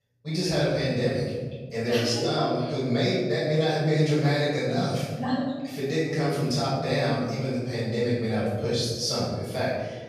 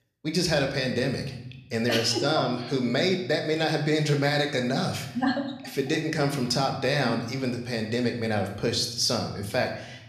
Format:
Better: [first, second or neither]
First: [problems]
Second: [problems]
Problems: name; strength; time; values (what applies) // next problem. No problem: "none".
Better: second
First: room echo; strong; dies away in 1.6 s // off-mic speech; far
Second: room echo; slight; dies away in 0.7 s